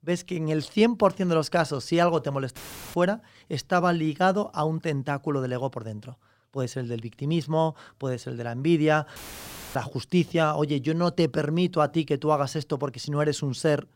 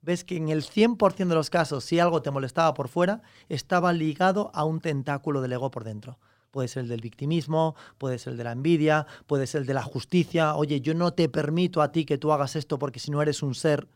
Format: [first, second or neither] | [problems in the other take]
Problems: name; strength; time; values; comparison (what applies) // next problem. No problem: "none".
second | audio cutting out; filled with static; at 2.5 s and at 9 s for 0.5 s